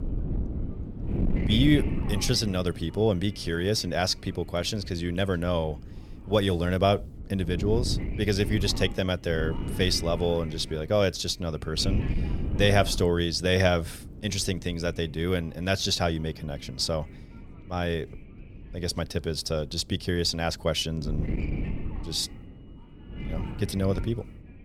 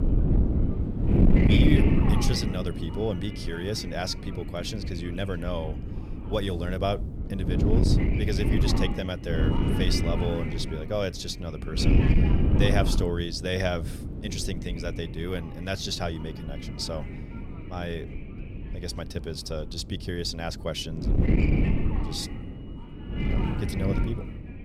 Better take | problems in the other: first | wind noise on the microphone; heavy; 2 dB below the speech; occasional gusts in the first

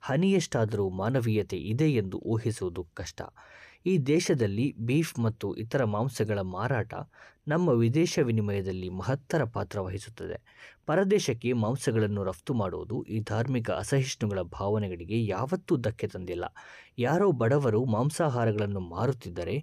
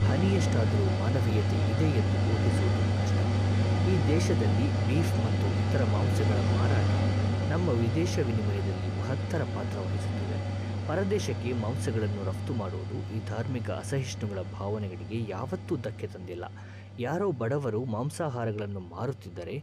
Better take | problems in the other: first | machinery noise; very loud; throughout; 4 dB above the speech

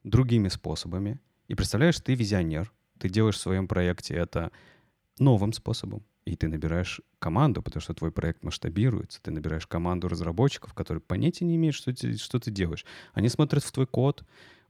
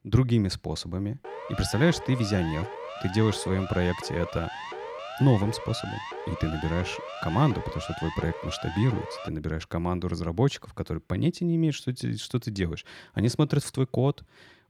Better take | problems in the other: first | siren; noticeable; from 1 to 9.5 s; peak 9 dB below the speech

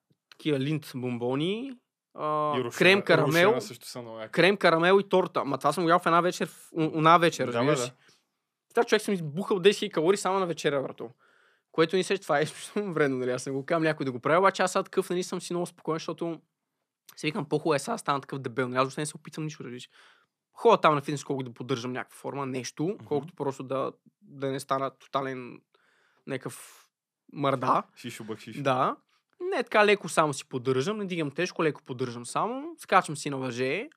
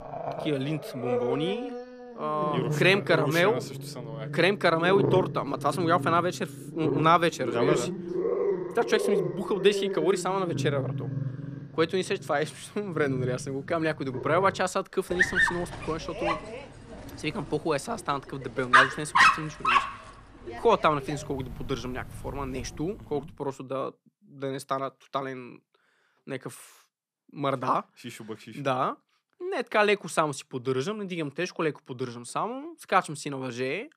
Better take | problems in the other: first | animal sounds; loud; until 23 s; as loud as the speech

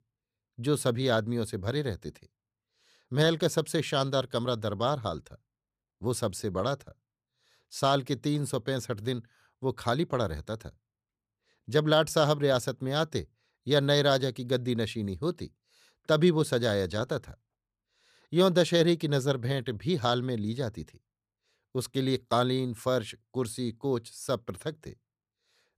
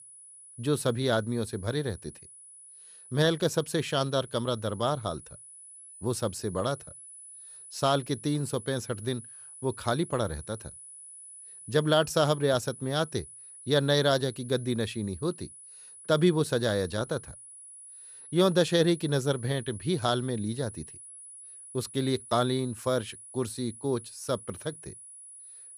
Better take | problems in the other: first | high-pitched whine; noticeable; throughout; 10 kHz, 15 dB below the speech

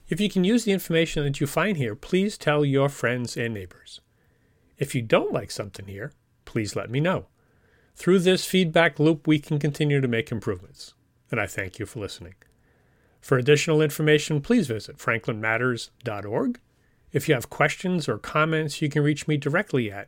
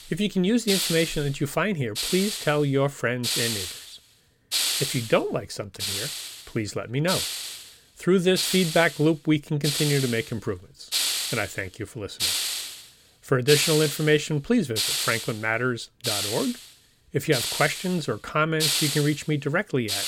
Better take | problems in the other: first | hiss; loud; throughout; 2 dB below the speech

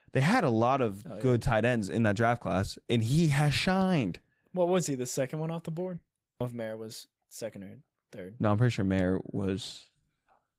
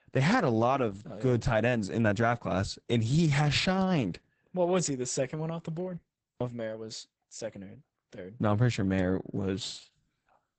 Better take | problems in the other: first | garbled, watery; badly; nothing above 8 kHz; slightly in the first

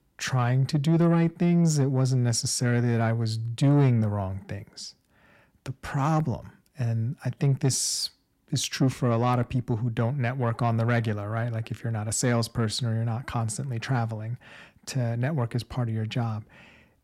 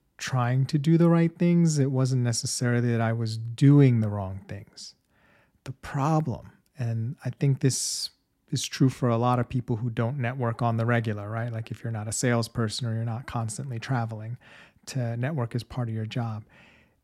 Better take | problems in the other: second | distortion; slight; 10 dB below the speech

